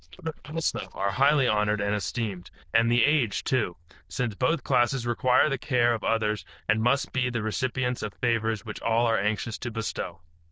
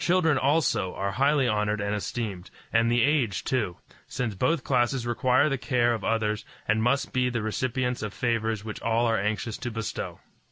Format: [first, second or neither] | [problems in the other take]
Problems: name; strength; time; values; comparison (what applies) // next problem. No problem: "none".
second | noise reduction (neural diffusion model UNIVERSE++)